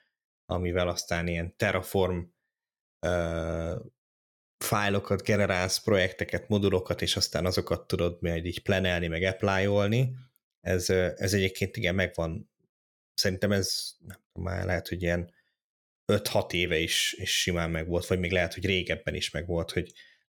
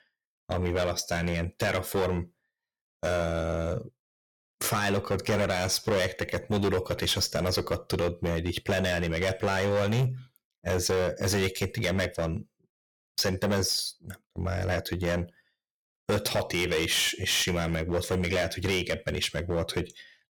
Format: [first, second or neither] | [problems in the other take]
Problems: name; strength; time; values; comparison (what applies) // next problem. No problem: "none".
first | distortion; heavy; 10% of the sound clipped